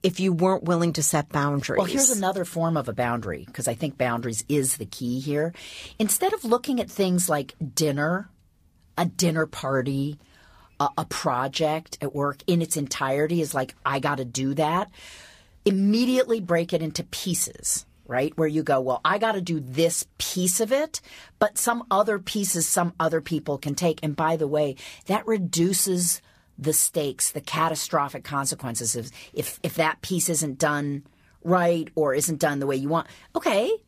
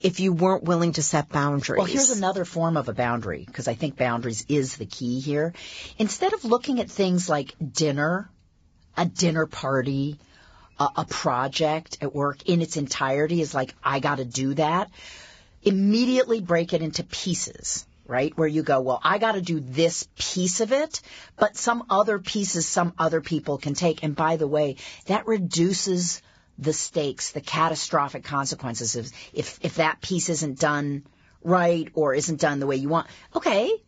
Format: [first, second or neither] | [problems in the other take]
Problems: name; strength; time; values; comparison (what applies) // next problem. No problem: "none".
first | garbled, watery; badly; nothing above 7.5 kHz; slightly in the first